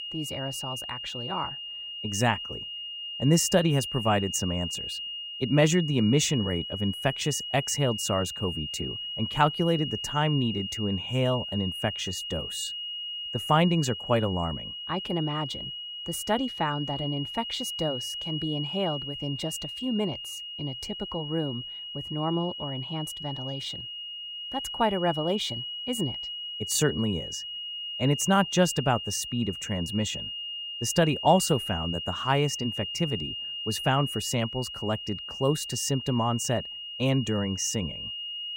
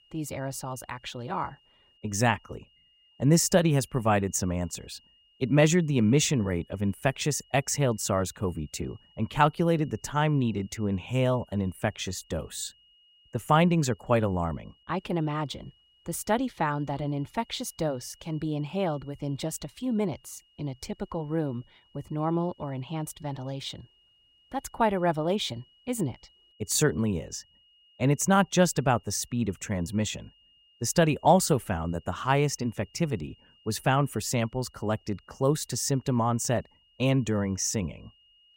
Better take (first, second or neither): second